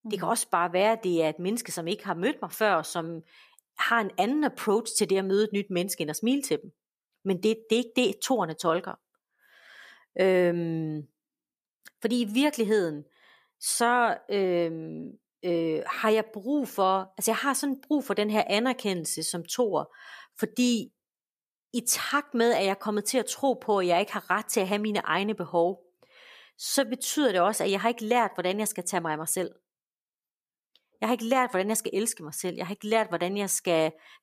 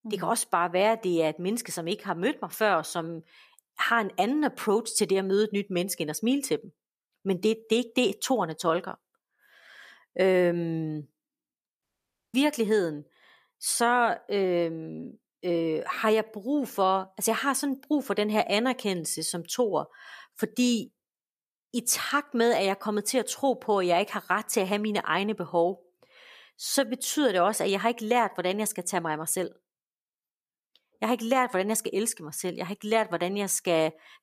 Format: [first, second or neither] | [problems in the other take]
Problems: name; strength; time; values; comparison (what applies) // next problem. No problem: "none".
first | audio cutting out; at 12 s for 0.5 s